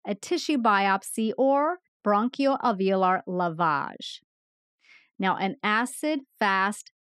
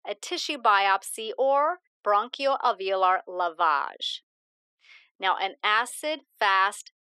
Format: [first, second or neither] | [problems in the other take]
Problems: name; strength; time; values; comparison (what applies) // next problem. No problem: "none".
first | thin; very; fading below 450 Hz